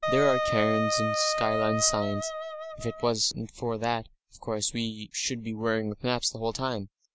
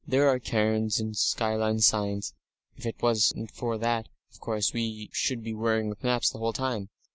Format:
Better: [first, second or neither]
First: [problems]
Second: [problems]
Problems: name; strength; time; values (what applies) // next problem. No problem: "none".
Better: second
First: background sound (Wind instrument, woodwind instrument); 1 dB below the speech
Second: none